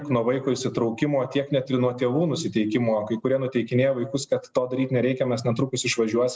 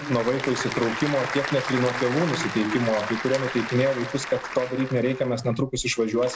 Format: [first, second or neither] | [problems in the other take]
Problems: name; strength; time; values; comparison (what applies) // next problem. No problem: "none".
first | background sound (Applause / Crowd); 8 dB below the speech